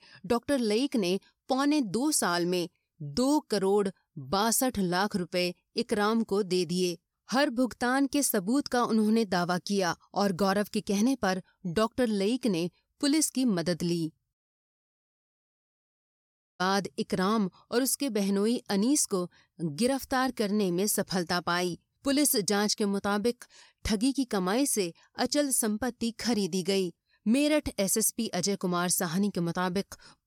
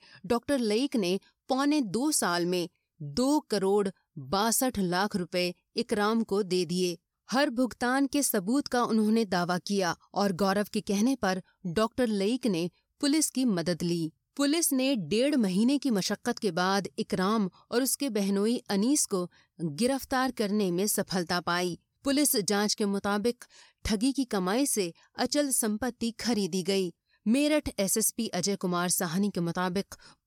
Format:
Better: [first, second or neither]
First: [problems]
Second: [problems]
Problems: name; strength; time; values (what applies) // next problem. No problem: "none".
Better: second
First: audio cutting out; at 14 s for 2.5 s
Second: none